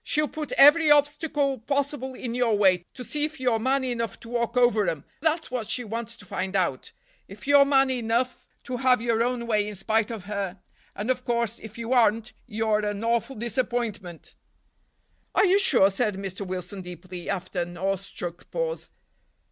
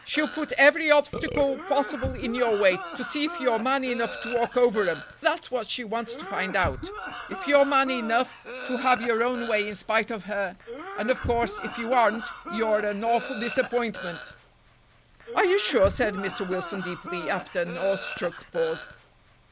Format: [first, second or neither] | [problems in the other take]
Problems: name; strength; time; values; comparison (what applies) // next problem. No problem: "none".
first | background sound (Burping, eructation + Cough); 11 dB below the speech